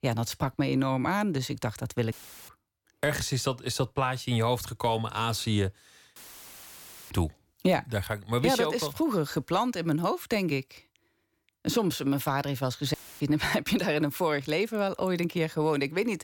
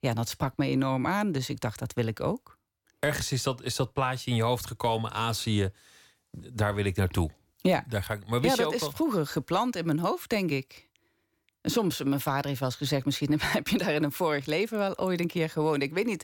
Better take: second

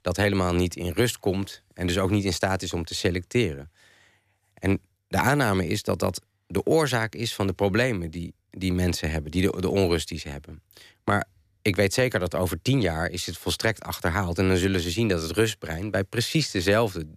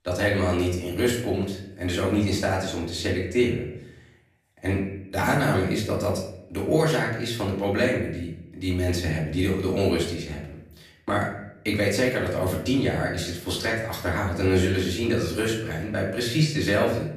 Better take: first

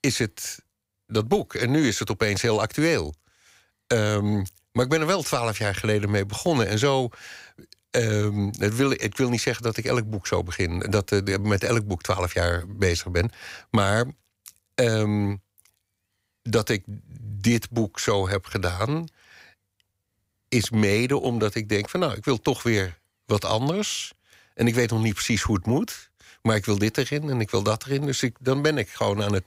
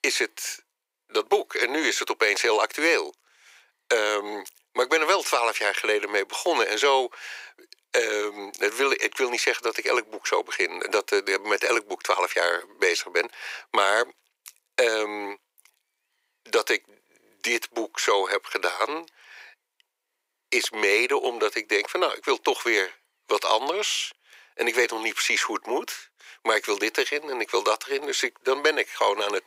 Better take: first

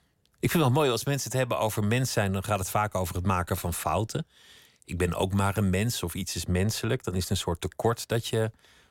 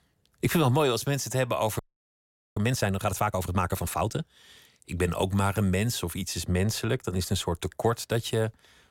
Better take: first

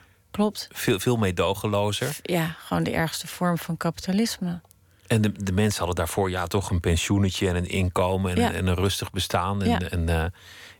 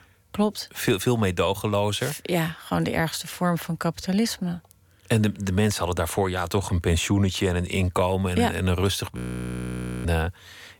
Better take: first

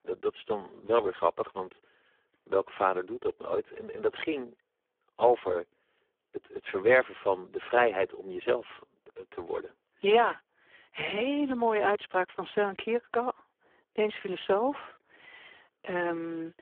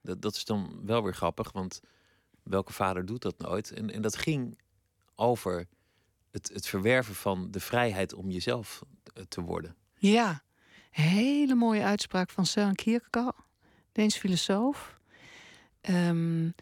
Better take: second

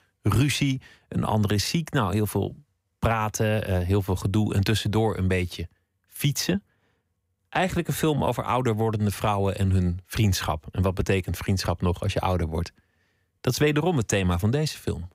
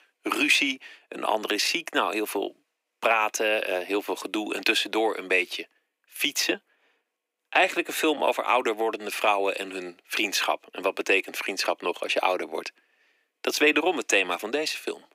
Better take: first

